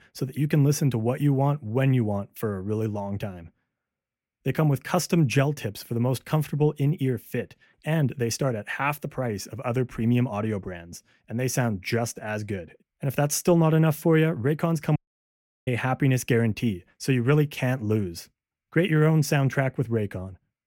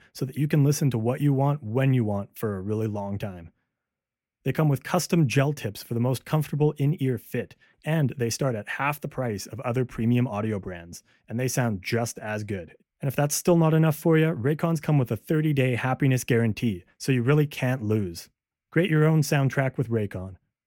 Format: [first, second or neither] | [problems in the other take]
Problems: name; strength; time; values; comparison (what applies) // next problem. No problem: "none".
second | audio cutting out; at 15 s for 0.5 s